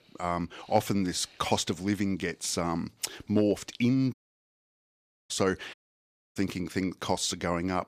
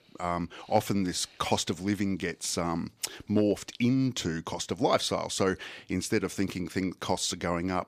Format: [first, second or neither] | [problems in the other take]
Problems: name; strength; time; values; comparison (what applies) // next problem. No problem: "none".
second | audio cutting out; at 4 s for 1 s and at 5.5 s for 0.5 s